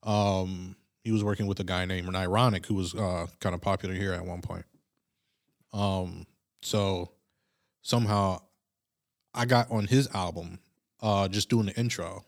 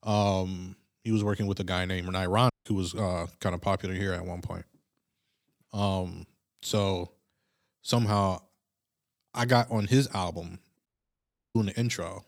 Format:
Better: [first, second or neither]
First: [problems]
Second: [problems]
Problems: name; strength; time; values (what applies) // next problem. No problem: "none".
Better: first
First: none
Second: audio cutting out; at 2.5 s and at 11 s for 0.5 s